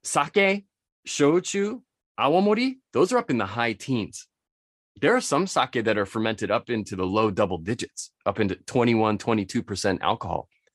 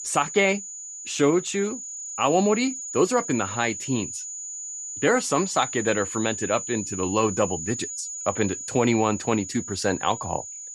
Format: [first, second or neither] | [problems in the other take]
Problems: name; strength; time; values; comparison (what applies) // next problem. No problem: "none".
first | high-pitched whine; loud; throughout; 7 kHz, 7 dB below the speech